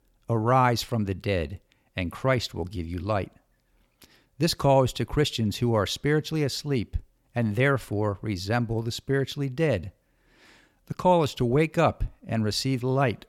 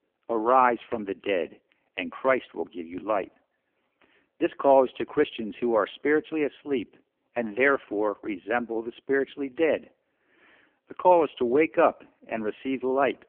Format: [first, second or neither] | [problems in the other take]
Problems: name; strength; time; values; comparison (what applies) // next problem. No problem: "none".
first | phone-call audio; poor line; nothing above 3.5 kHz